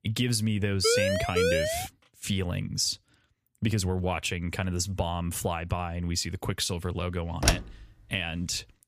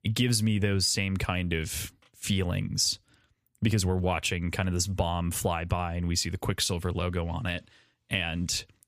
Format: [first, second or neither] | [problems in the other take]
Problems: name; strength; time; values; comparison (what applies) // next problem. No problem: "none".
second | siren; loud; from 1 to 2 s; peak 4 dB above the speech // door banging; loud; at 7.5 s; peak 3 dB above the speech